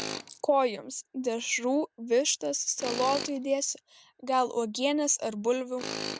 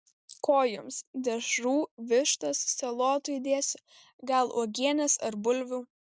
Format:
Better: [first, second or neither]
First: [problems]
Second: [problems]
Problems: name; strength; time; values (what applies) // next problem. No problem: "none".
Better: second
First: background sound (Tools); 12 dB below the speech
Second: none